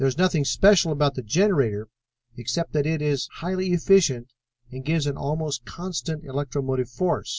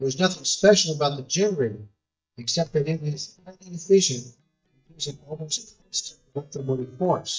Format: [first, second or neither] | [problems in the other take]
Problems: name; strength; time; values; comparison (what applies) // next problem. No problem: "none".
first | noise reduction (neural mask model DeepFilterNet 3)